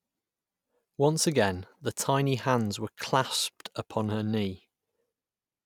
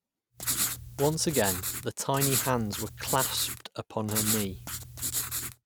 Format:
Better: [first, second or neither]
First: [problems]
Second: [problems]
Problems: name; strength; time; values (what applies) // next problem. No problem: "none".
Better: first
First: none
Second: background sound (Writing); 1 dB below the speech